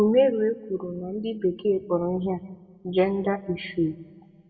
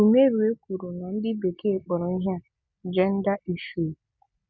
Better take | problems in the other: second | room echo; dies away in 0.8 s

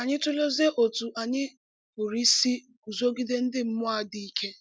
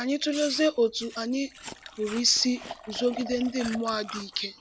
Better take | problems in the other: first | background sound (Chewing, mastication + Liquid); 14 dB below the speech

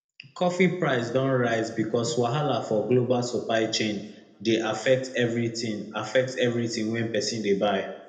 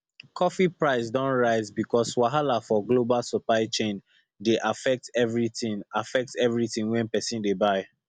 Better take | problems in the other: second | room echo; dies away in 0.7 s

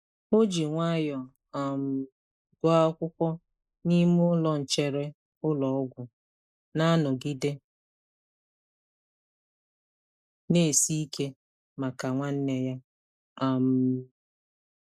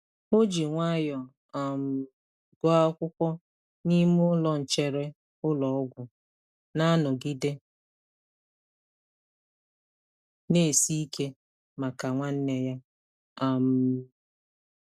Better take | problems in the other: second | noise reduction (neural mask model Resemble Enhance denoiser)

